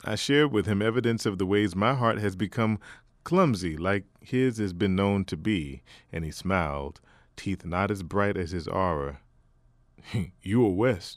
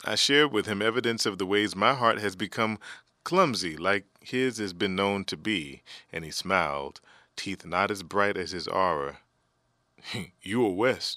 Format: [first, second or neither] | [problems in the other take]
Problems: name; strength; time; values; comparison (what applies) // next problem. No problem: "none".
first | thin; somewhat; fading below 600 Hz